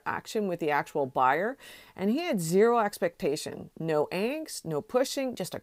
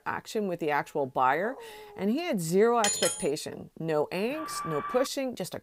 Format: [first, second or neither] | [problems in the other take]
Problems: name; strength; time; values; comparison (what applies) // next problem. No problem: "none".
first | dog barking; faint; at 1.5 s; peak 15 dB below the speech // clattering dishes; loud; at 3 s; peak 2 dB above the speech // alarm; noticeable; at 4.5 s; peak 6 dB below the speech